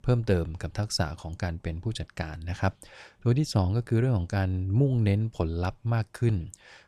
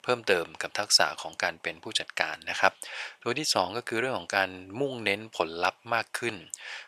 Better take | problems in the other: first | thin; very; fading below 700 Hz

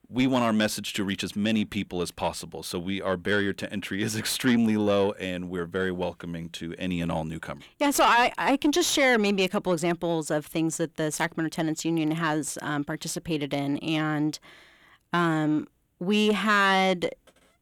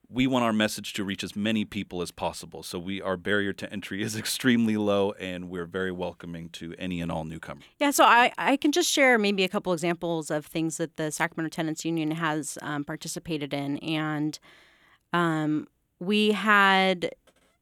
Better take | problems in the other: second | distortion; slight; 10 dB below the speech

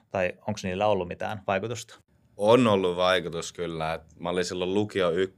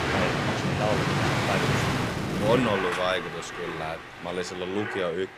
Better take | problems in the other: first | train or aircraft noise; very loud; throughout; 2 dB above the speech

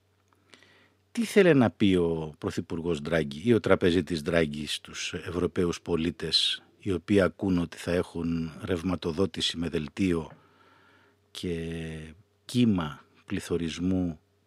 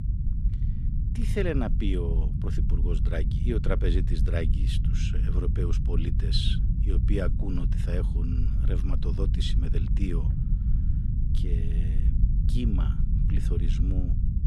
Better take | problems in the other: first | low rumble; loud; throughout; 6 dB below the speech

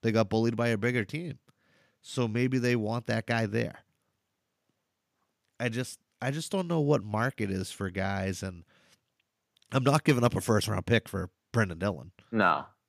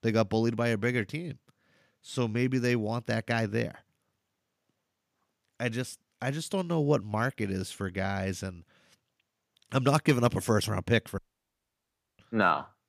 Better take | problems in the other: first | audio cutting out; at 11 s for 1 s

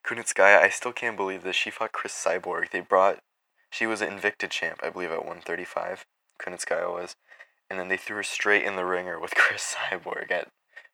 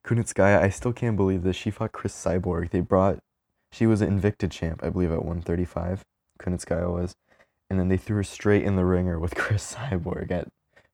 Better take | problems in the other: second | thin; very; fading below 750 Hz

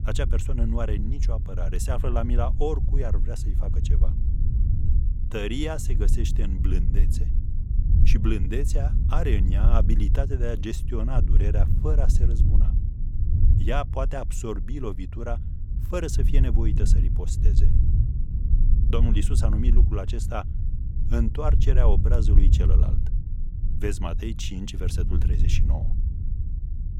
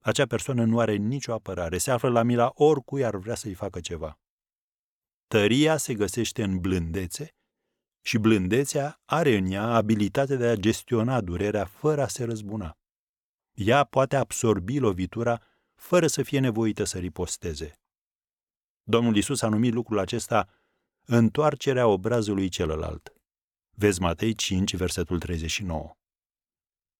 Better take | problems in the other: second | low rumble; loud; throughout; 8 dB below the speech

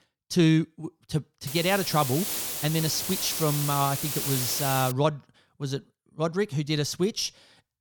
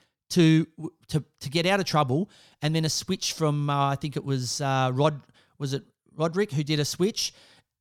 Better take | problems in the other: second | hiss; loud; from 1.5 to 5 s; 2 dB below the speech

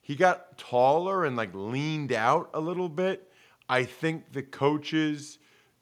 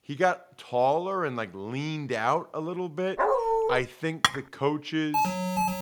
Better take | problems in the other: first | dog barking; loud; at 3 s; peak 5 dB above the speech // clattering dishes; loud; at 4 s; peak 3 dB above the speech // alarm; loud; at 5 s; peak 3 dB above the speech

